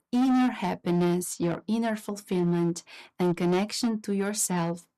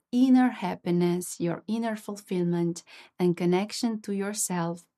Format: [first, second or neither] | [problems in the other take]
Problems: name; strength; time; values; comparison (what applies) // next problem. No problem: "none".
second | distortion; slight; 12% of the sound clipped